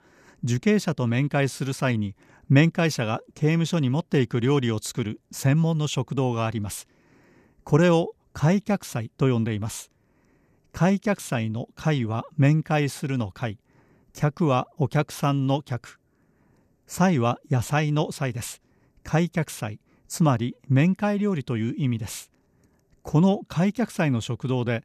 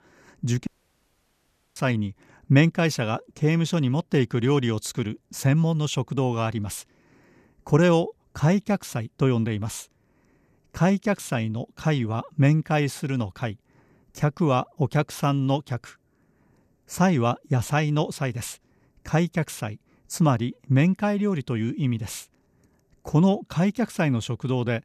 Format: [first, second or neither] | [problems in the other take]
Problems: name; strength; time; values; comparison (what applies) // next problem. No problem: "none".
first | audio cutting out; at 0.5 s for 1 s